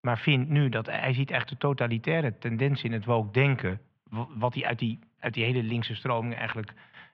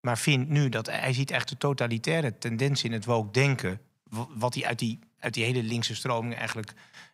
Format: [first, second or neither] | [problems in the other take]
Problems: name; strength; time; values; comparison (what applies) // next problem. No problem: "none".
second | muffled; very; fading above 3 kHz